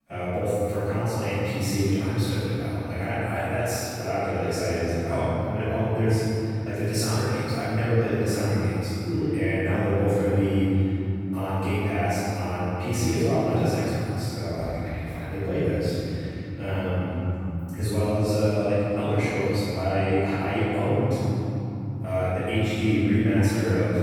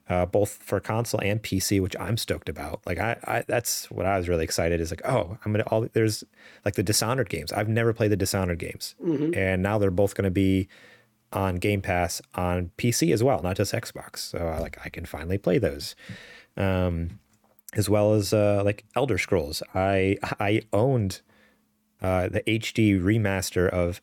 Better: second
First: off-mic speech; far // room echo; strong; dies away in 3 s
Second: none

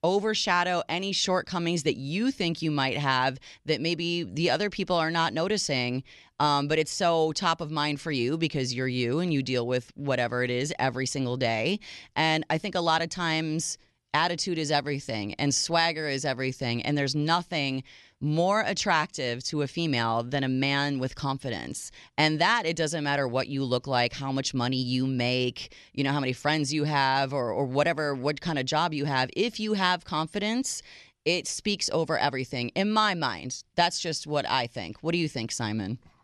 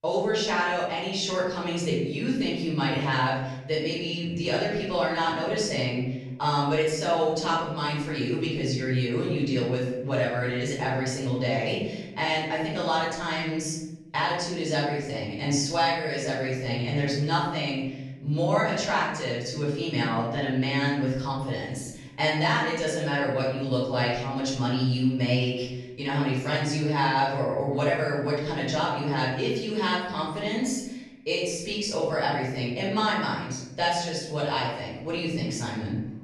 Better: first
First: none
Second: off-mic speech; far // room echo; noticeable; dies away in 1 s

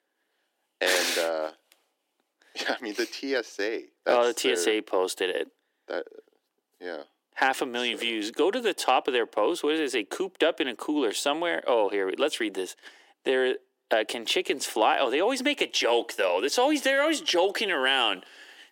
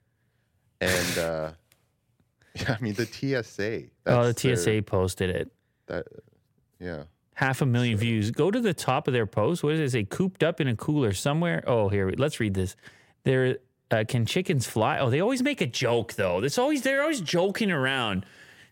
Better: second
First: thin; somewhat; fading below 300 Hz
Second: none

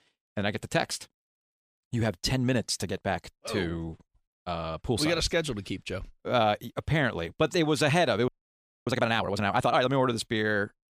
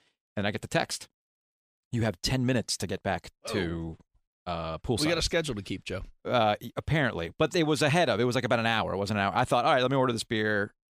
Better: second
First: audio freezing; at 8.5 s for 0.5 s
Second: none

